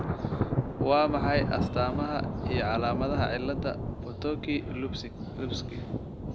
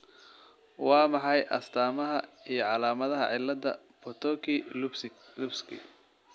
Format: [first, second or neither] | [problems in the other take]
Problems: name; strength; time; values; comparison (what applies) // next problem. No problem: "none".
second | background sound (Thunder); as loud as the speech